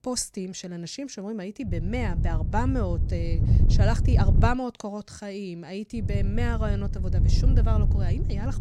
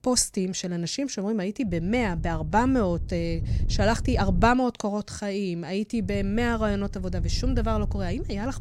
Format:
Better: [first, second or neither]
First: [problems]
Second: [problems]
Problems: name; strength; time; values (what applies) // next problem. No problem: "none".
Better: second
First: wind noise on the microphone; heavy; from 1.5 to 4.5 s and from 6 s on; 6 dB below the speech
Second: wind noise on the microphone; occasional gusts; from 1.5 to 4.5 s and from 6 s on; 20 dB below the speech